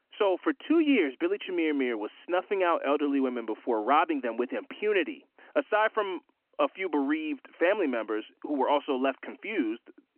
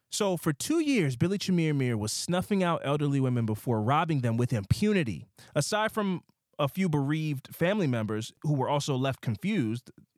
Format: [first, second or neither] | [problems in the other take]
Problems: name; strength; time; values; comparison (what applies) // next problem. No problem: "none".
second | phone-call audio